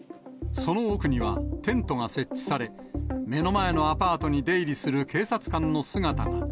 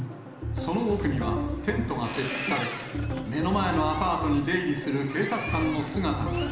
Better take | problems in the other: first | background sound (Boat, Water vehicle); 11 dB below the speech // room echo; dies away in 1.1 s

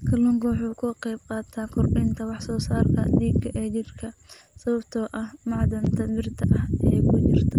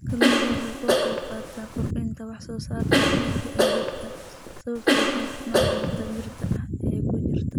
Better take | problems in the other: first | background sound (Cough); 4 dB above the speech

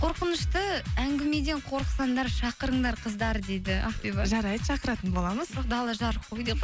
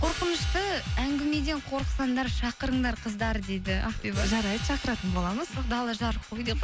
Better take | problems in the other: first | background sound (Hi-hat); 14 dB below the speech

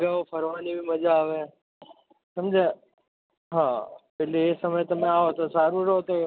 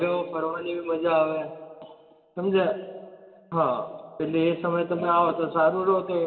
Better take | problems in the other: first | room echo; dies away in 1.6 s

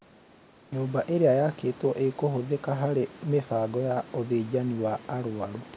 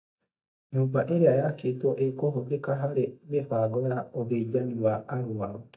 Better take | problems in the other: first | noise reduction (neural mask model DeepFilterNet 3)

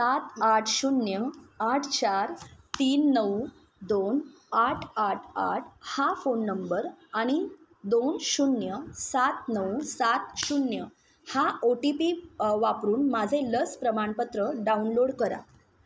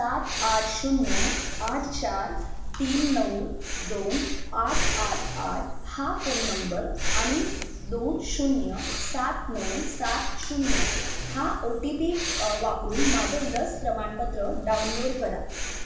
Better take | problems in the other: first | background sound (Breathing); as loud as the speech // room echo; dies away in 0.9 s

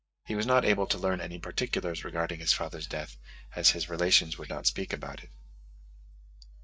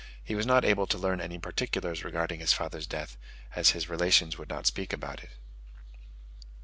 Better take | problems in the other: second | noise reduction (neural mask model DeepFilterNet 3)

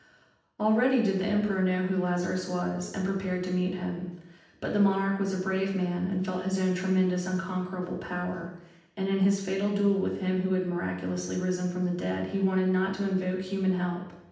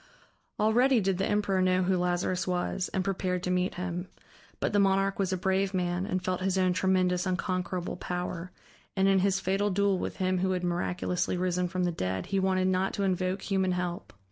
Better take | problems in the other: second | room echo; dies away in 0.8 s

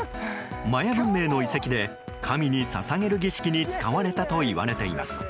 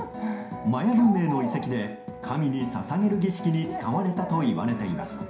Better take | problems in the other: first | room echo; dies away in 0.5 s

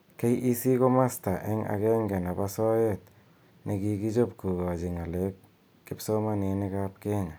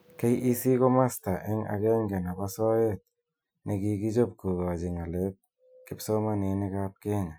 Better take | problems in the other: first | noise reduction (classical method Wiener filter)

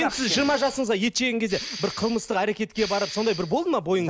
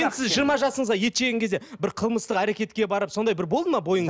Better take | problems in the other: second | background sound (Respiratory sounds); 13 dB below the speech

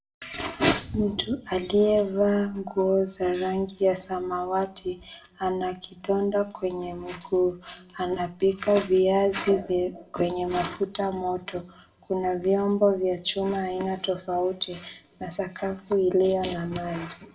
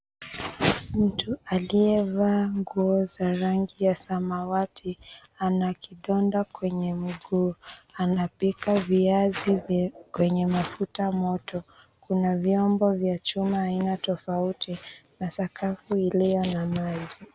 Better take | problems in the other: second | room echo; dies away in 0.4 s

